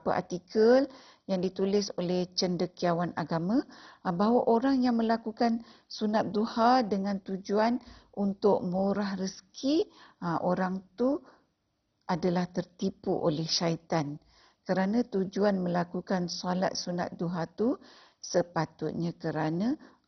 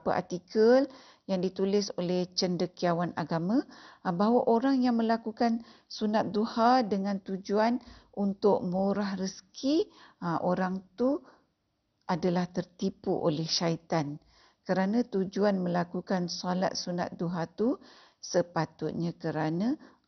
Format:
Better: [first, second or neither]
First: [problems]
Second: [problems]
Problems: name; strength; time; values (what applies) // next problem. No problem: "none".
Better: second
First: garbled, watery; badly; nothing above 6 kHz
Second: garbled, watery; slightly; nothing above 6 kHz